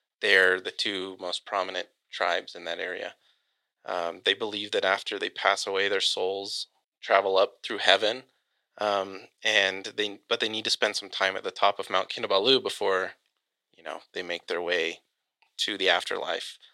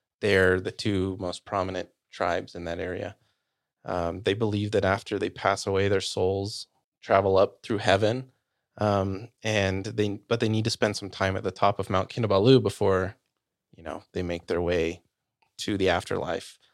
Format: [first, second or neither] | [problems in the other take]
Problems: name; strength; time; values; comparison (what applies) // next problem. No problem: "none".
second | thin; very; fading below 500 Hz